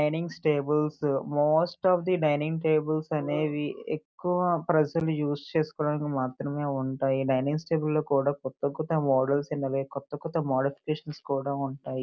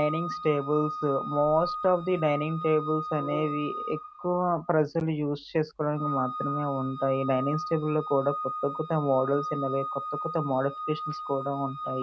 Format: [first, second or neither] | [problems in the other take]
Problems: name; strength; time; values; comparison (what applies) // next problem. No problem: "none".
first | background sound (Organ); 8 dB below the speech